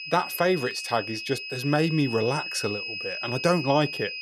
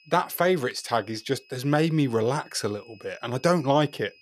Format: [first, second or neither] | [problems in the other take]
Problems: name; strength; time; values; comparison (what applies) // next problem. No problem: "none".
second | high-pitched whine; loud; throughout; 2.5 kHz, 6 dB below the speech; faint in the second